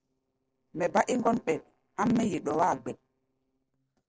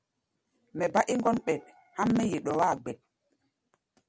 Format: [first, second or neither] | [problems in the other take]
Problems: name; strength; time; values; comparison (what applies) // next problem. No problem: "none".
second | noise reduction (neural separator model SepFormer DNS4)